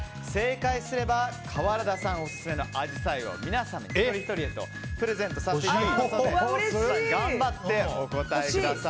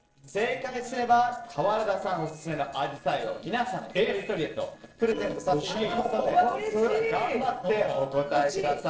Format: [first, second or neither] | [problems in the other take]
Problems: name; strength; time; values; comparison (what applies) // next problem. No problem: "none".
first | noise reduction (neural separator model SepFormer DNS4)